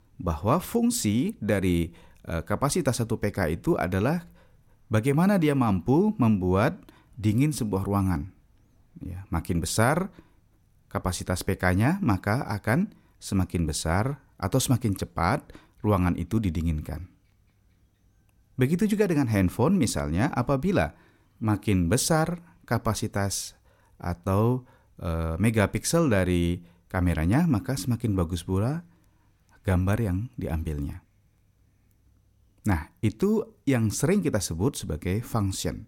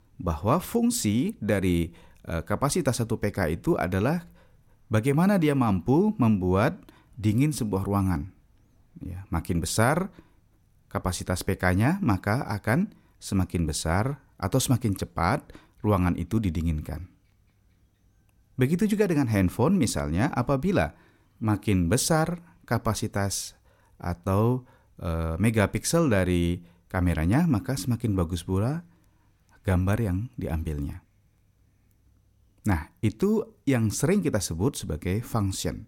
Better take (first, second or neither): neither